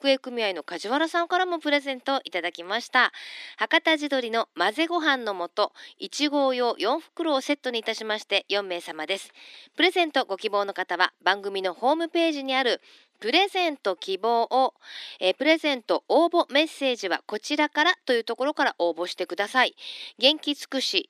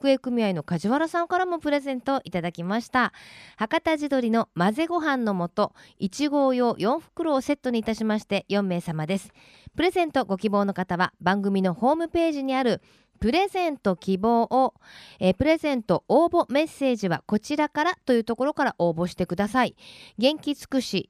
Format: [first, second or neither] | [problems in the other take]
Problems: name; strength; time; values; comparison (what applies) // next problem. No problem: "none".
second | thin; somewhat; fading below 300 Hz